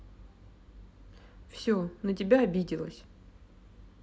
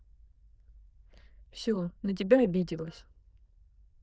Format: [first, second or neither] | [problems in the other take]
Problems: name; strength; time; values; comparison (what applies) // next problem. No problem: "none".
first | noise reduction (neural diffusion model UNIVERSE++)